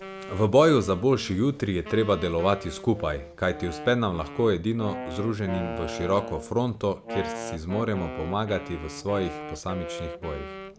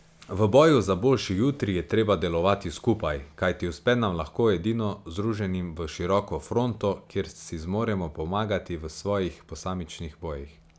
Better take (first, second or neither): second